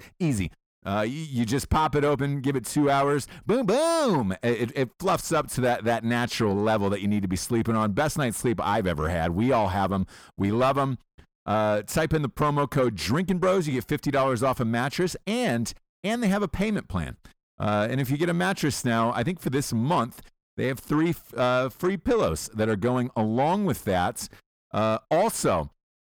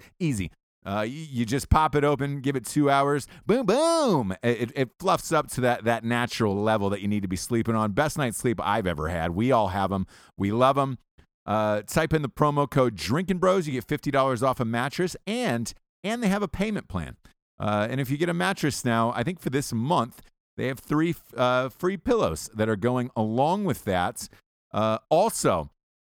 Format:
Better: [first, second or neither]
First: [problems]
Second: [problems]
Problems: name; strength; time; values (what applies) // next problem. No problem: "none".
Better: second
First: distortion; slight; 10 dB below the speech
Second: none